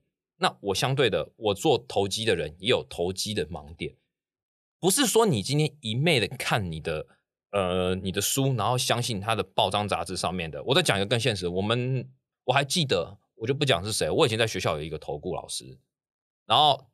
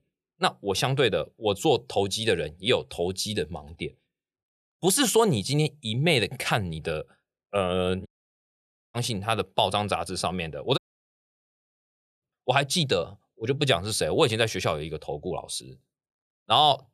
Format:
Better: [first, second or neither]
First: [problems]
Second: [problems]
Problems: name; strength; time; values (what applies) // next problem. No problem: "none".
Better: first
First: none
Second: audio cutting out; at 8 s for 1 s and at 11 s for 1.5 s